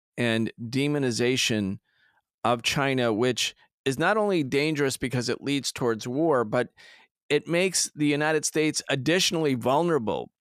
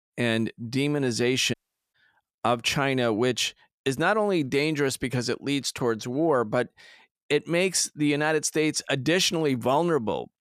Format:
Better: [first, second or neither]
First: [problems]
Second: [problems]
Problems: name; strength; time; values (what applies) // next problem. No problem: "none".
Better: first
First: none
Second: audio cutting out; at 1.5 s